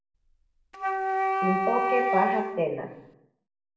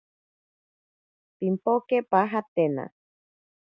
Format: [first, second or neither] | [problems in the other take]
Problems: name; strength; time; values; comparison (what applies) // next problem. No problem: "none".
second | background sound (Wind instrument, woodwind instrument); 3 dB above the speech // room echo; dies away in 0.8 s